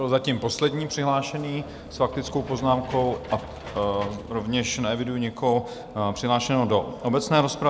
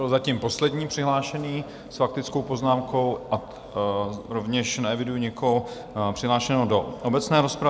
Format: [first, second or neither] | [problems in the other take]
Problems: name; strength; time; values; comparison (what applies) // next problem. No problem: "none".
second | background sound (Engine / Mechanisms); 16 dB below the speech